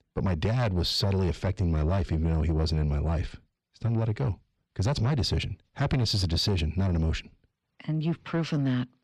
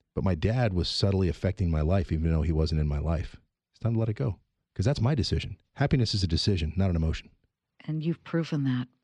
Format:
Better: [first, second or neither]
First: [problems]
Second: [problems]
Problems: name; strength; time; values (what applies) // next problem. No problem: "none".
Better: second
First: distortion; slight; 10 dB below the speech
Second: none